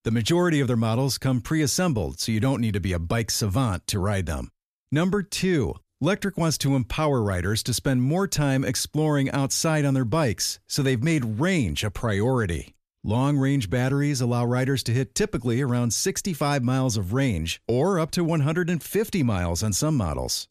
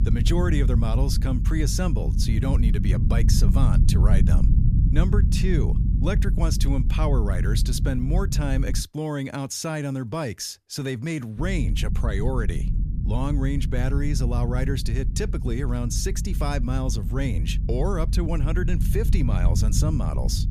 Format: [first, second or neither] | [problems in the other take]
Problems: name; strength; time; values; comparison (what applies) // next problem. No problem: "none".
first | low rumble; loud; until 9 s and from 11 s on; 7 dB below the speech